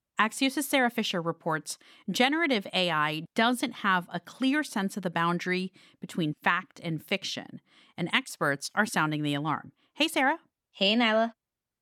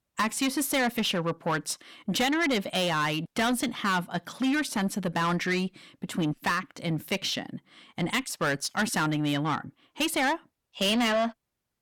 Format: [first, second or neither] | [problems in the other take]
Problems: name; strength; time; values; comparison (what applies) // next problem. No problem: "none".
first | distortion; heavy; 8 dB below the speech